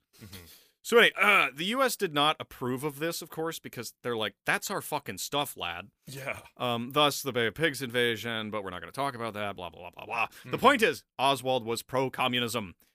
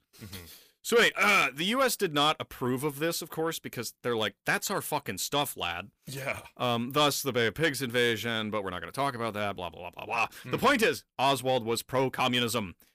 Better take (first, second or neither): first